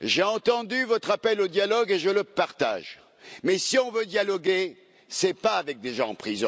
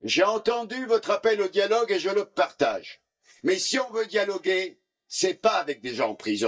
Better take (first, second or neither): first